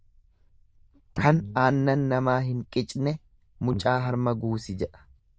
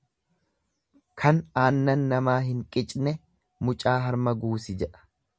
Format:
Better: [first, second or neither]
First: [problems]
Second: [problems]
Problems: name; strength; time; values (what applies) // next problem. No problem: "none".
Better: second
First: noise reduction (neural diffusion model UNIVERSE++)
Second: none